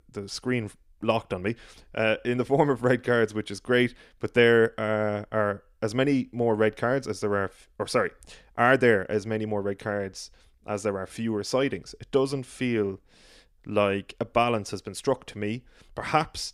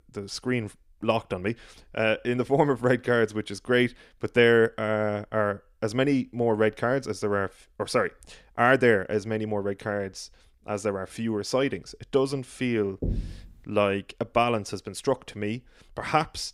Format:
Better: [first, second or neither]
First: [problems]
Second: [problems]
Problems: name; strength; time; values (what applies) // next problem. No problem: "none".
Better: first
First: none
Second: door banging; noticeable; at 13 s; peak 6 dB below the speech